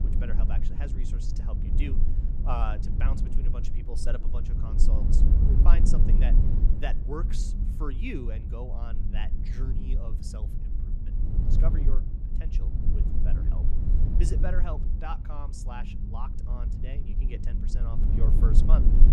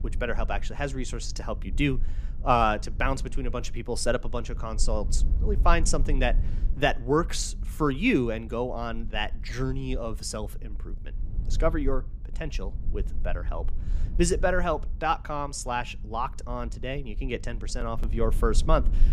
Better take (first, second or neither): second